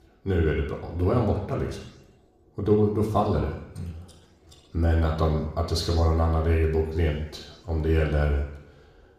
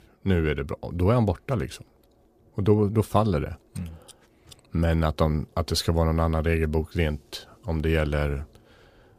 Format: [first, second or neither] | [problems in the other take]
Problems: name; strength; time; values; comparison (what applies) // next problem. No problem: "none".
second | room echo; noticeable; dies away in 0.8 s // off-mic speech; somewhat distant